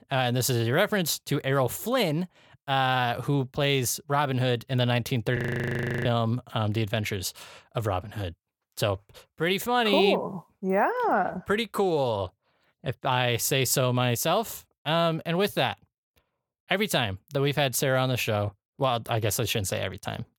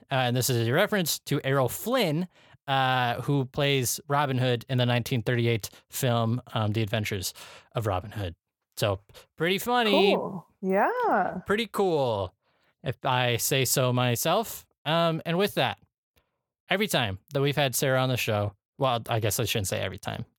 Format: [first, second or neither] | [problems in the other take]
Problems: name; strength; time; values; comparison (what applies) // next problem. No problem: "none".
second | audio freezing; at 5.5 s for 0.5 s